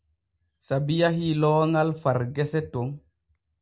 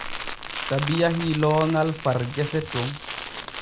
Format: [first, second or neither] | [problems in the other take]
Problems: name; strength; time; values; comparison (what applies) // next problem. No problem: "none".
first | background sound (Crumpling, crinkling); 9 dB below the speech